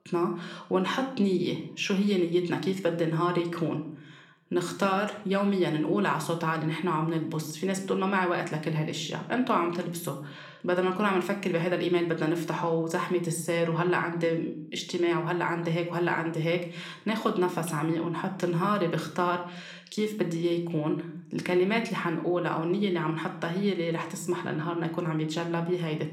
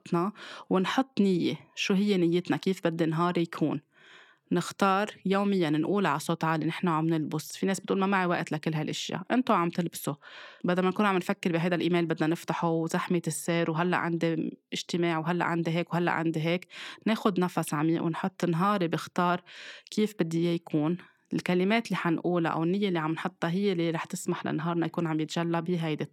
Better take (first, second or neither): second